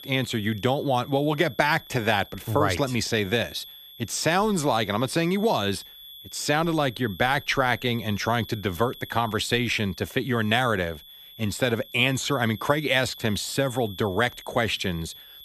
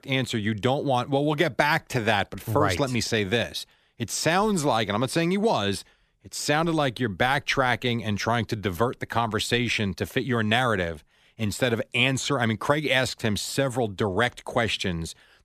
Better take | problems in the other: second | high-pitched whine; noticeable; throughout; 3.5 kHz, 20 dB below the speech

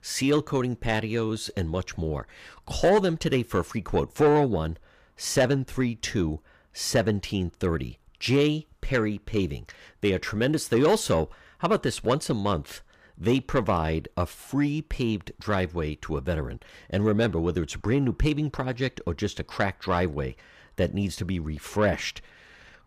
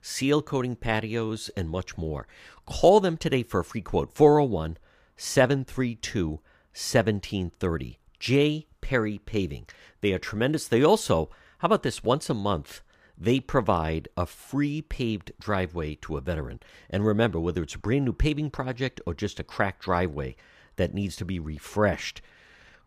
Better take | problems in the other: second | distortion; slight; 10 dB below the speech

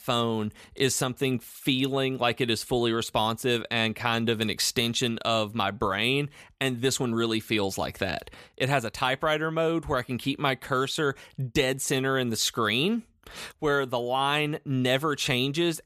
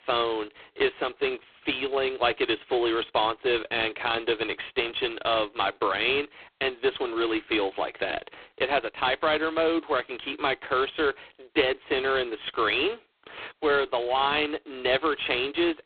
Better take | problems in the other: first | phone-call audio; poor line

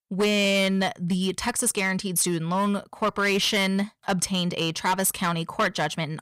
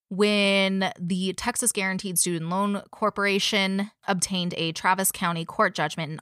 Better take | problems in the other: second | distortion; slight; 8% of the sound clipped

